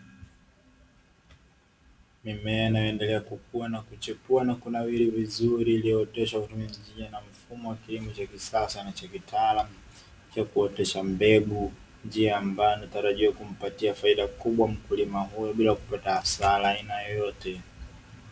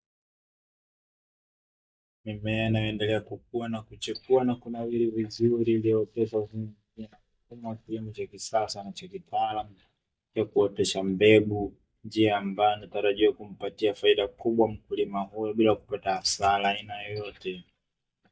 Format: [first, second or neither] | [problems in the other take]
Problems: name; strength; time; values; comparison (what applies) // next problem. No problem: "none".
first | noise reduction (neural mask model DeepFilterNet 3)